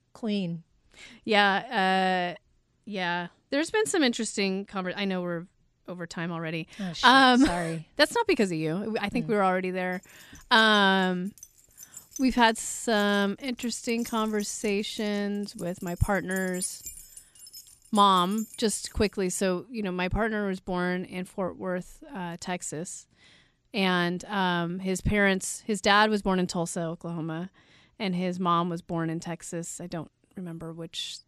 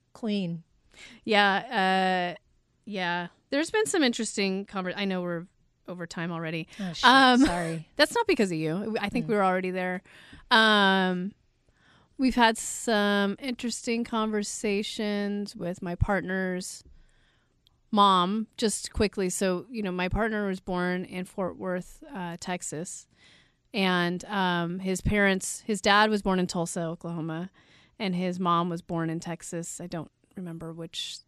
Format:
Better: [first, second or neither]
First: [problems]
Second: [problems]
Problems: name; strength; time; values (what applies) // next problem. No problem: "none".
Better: second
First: jangling keys; noticeable; from 11 to 19 s; peak 7 dB below the speech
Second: none